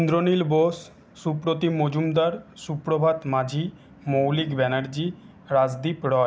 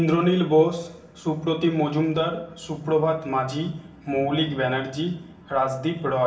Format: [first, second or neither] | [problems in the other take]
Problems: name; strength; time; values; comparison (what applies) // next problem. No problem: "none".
first | room echo; dies away in 0.6 s